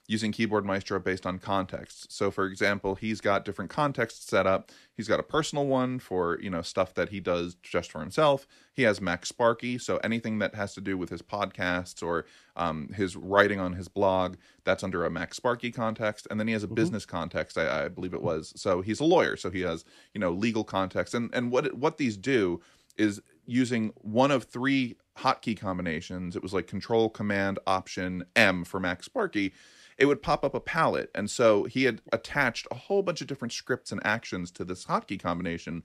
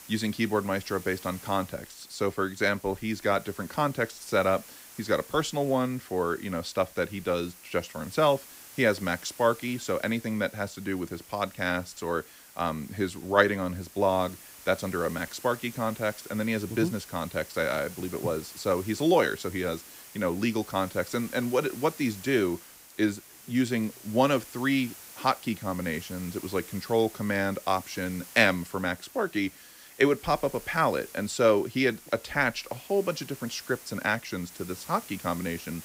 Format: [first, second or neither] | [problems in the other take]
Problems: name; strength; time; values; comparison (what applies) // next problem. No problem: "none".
first | hiss; noticeable; throughout; 15 dB below the speech